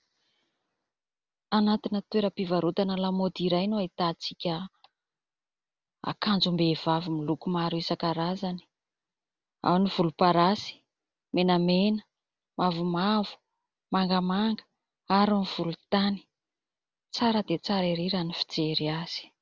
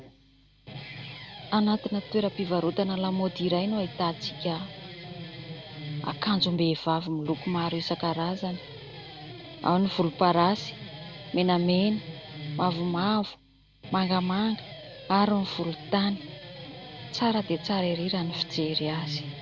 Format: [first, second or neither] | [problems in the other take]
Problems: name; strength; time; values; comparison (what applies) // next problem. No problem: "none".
first | background sound (Guitar); 13 dB below the speech